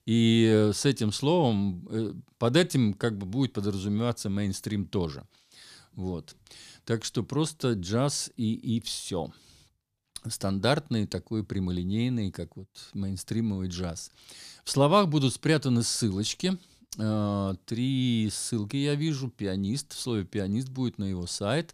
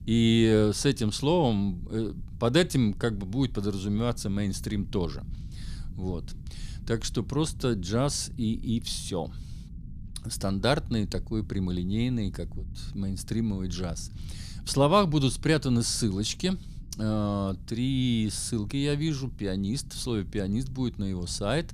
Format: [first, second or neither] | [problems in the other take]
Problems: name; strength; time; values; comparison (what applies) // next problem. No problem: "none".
first | low rumble; faint; throughout; 25 dB below the speech